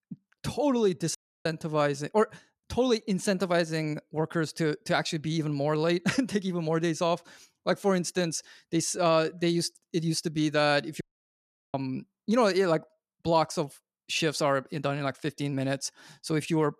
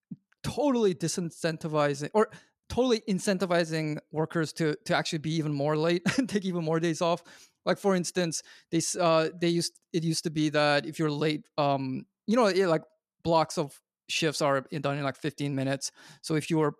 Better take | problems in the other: second | audio cutting out; at 1 s and at 11 s for 0.5 s

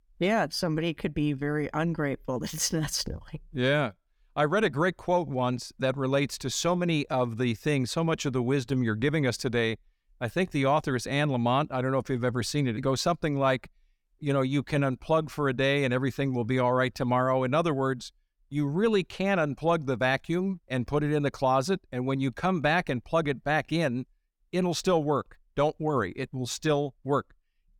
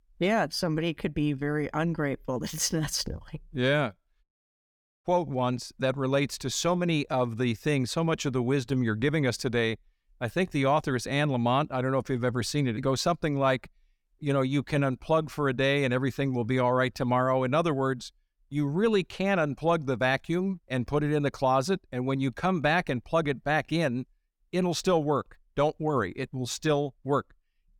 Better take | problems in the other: first | audio cutting out; at 4 s for 1 s

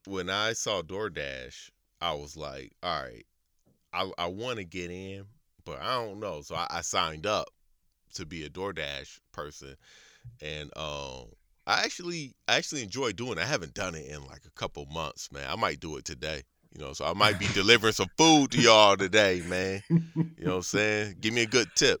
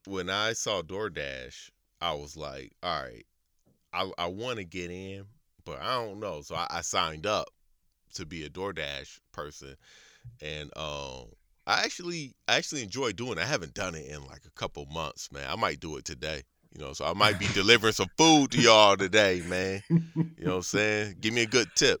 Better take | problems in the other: neither | none

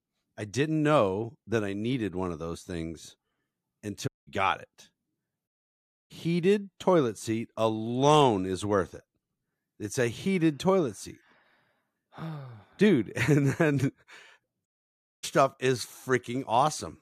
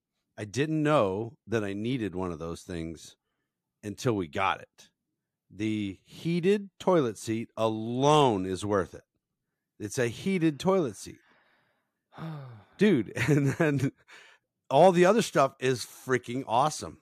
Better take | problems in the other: second | audio cutting out; at 4 s, at 5.5 s for 0.5 s and at 15 s for 0.5 s

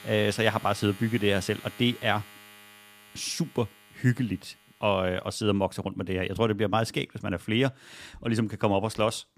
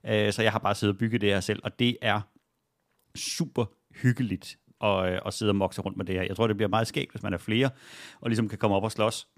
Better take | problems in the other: second | household noises; faint; throughout; 20 dB below the speech

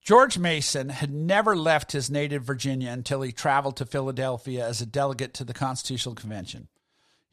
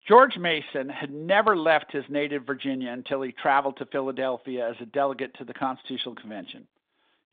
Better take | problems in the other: first | phone-call audio

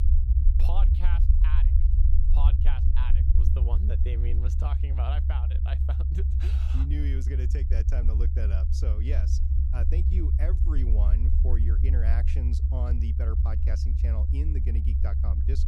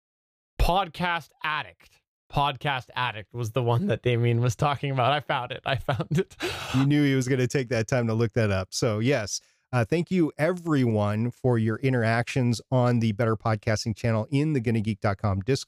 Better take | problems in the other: second | low rumble; loud; throughout; 1 dB below the speech

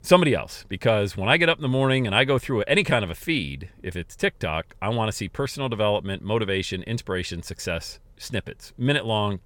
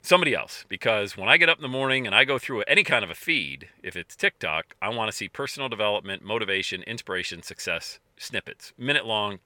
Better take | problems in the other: first | thin; somewhat; fading below 800 Hz

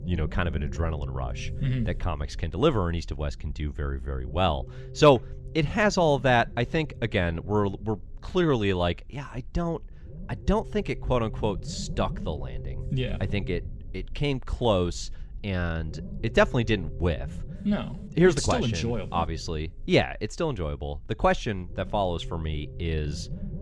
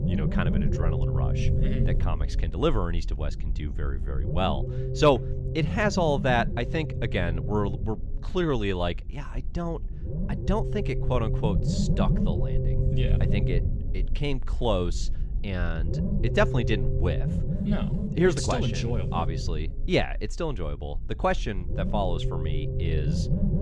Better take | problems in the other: first | low rumble; loud; throughout; 8 dB below the speech; faint in the first

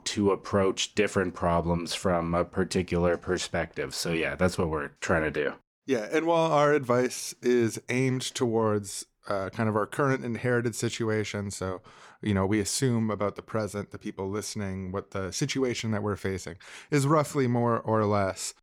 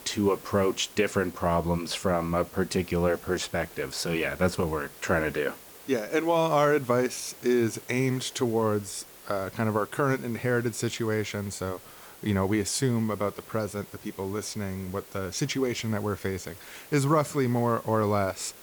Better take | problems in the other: first | hiss; noticeable; throughout; 20 dB below the speech

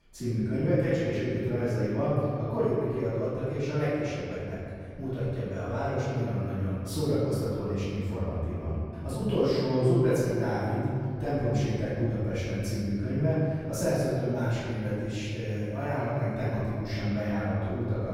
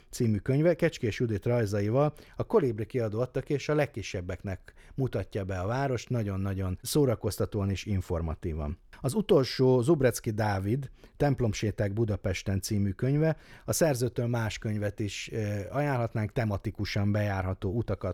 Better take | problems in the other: second | off-mic speech; far // room echo; strong; dies away in 2.3 s

